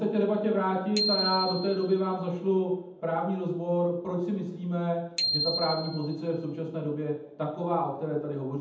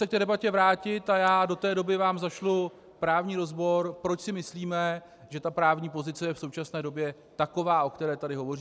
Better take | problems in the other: second | background sound (Bicycle bell); 6 dB below the speech // room echo; dies away in 0.8 s

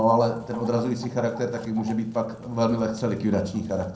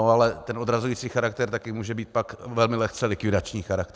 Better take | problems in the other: second | background sound (Chicken, rooster); 19 dB below the speech // room echo; dies away in 0.6 s

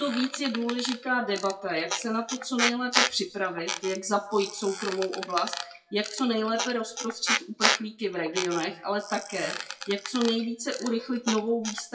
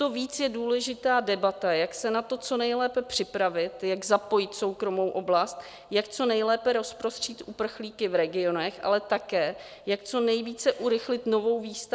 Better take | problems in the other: second | noise reduction (classical method WPE with log-MMSE)

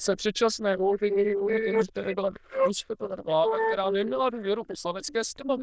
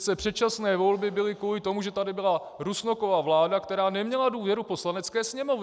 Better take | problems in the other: second | noise reduction (neural diffusion model UNIVERSE++)

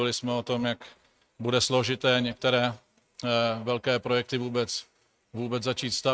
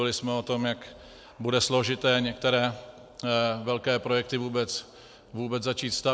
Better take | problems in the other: second | noise reduction (neural mask model RNNoise)

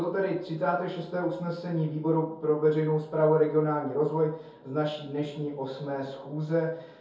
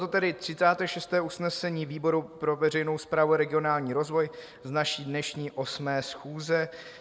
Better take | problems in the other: second | room echo; dies away in 0.6 s

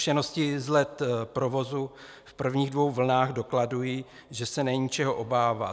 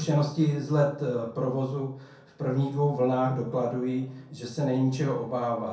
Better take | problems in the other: first | room echo; dies away in 0.6 s

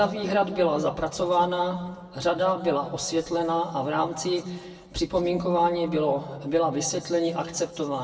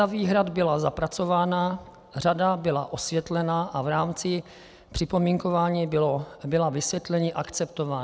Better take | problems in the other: second | room echo; dies away in 1.2 s

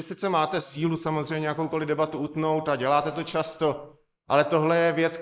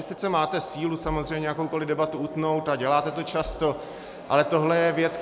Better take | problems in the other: second | noise reduction (neural mask model Resemble Enhance denoiser)

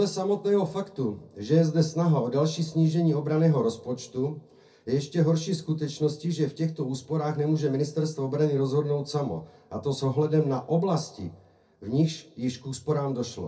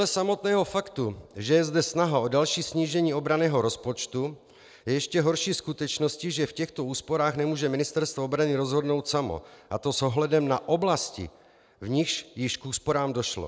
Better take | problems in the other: second | room echo; dies away in 0.3 s

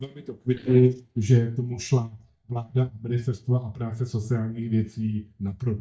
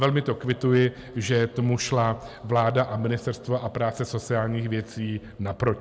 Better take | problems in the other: second | noise reduction (neural mask model DeepFilterNet 3)

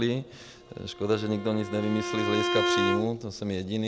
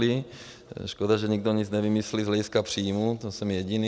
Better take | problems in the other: second | background sound (Bowed string instrument); 2 dB below the speech

